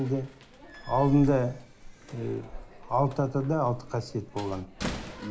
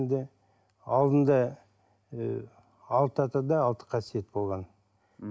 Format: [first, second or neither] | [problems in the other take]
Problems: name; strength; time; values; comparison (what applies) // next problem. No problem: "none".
second | background sound (Slam); 12 dB below the speech // room echo; dies away in 0.4 s